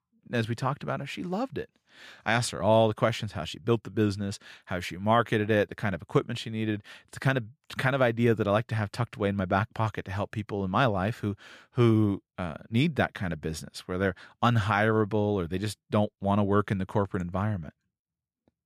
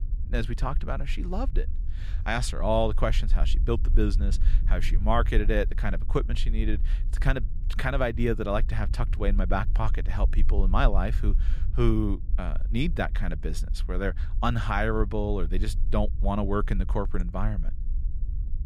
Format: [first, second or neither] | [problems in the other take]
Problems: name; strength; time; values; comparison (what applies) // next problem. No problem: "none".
first | low rumble; faint; throughout; 20 dB below the speech